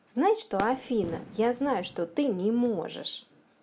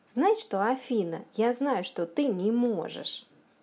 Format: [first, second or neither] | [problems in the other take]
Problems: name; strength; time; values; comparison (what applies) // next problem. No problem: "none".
second | background sound (Fireworks); 14 dB below the speech